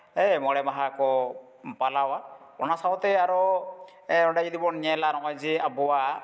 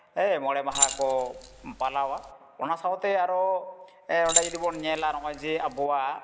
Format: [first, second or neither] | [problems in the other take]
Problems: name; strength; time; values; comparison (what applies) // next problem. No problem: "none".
first | background sound (Keys jangling); 2 dB below the speech